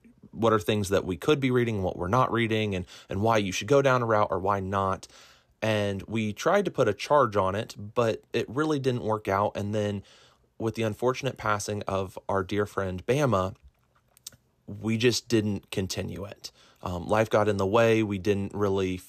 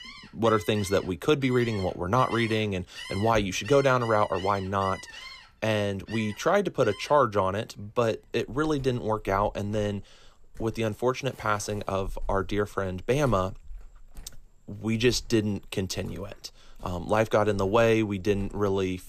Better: first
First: none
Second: animal sounds; noticeable; throughout; 20 dB below the speech

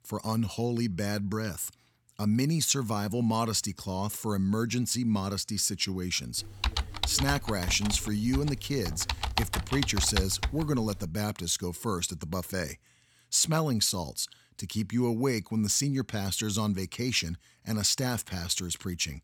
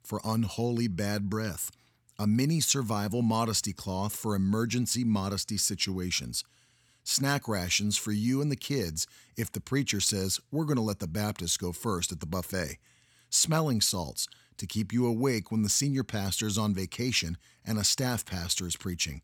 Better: second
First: keyboard typing; noticeable; from 6.5 to 11 s; peak 1 dB below the speech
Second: none

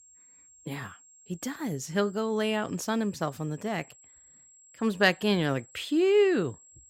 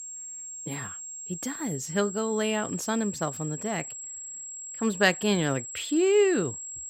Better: first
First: high-pitched whine; faint; throughout; 7.5 kHz, 25 dB below the speech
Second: high-pitched whine; loud; throughout; 7.5 kHz, 9 dB below the speech

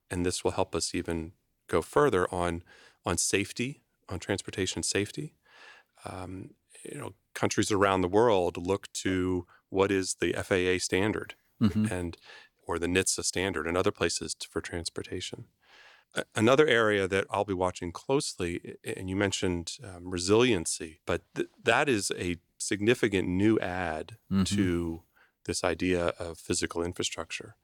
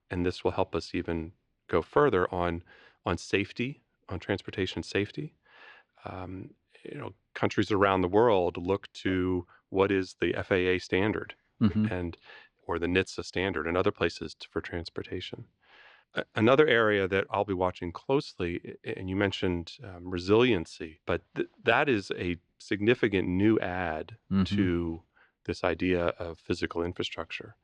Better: first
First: none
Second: muffled; slightly; fading above 3.5 kHz

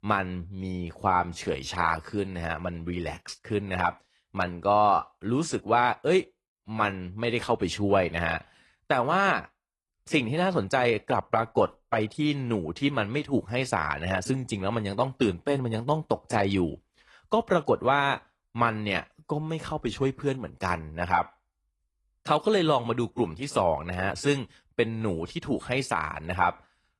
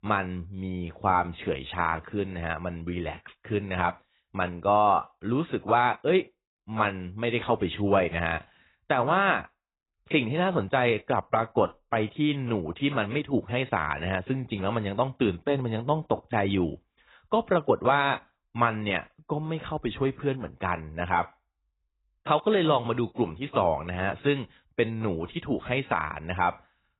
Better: first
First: garbled, watery; slightly; nothing above 11 kHz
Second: garbled, watery; badly; nothing above 4 kHz

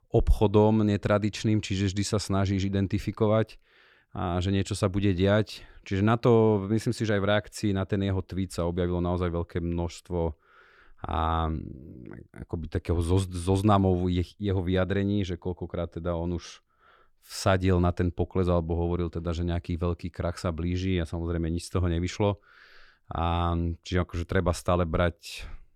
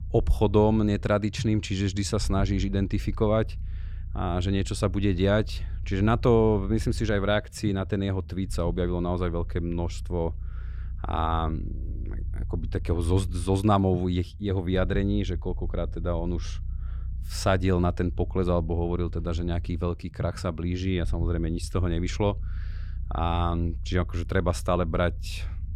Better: first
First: none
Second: low rumble; faint; throughout; 25 dB below the speech

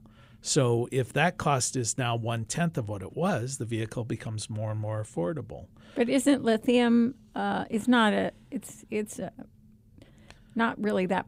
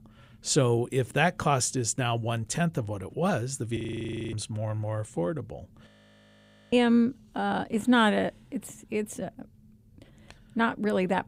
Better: first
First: none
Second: audio freezing; at 4 s for 0.5 s and at 6 s for 1 s

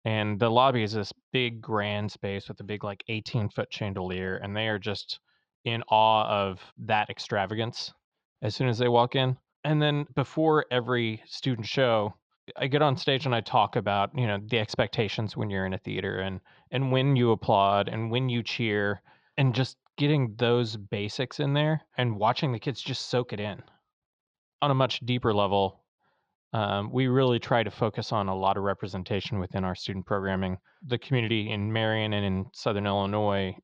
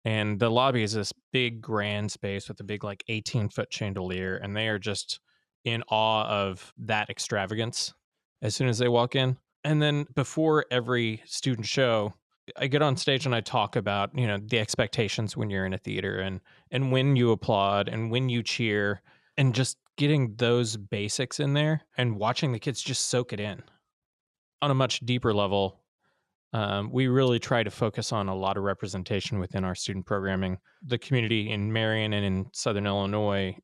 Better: second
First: muffled; very slightly; fading above 4.5 kHz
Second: none

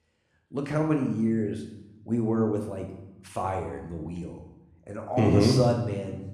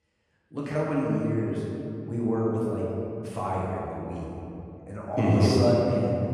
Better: first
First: room echo; slight; dies away in 0.8 s // off-mic speech; somewhat distant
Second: room echo; strong; dies away in 2.9 s // off-mic speech; far

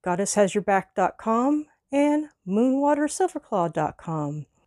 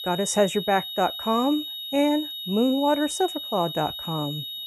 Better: first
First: none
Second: high-pitched whine; loud; throughout; 3.5 kHz, 7 dB below the speech

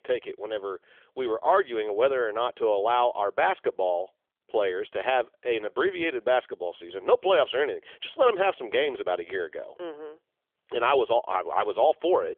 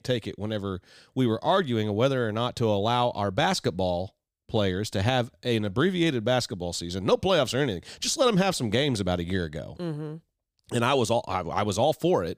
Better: second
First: phone-call audio; nothing above 3.5 kHz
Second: none

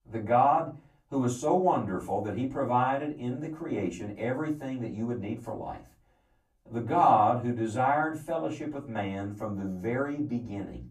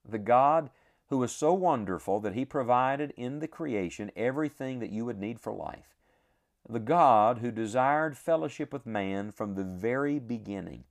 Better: second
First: off-mic speech; far // room echo; very slight; dies away in 0.3 s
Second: none

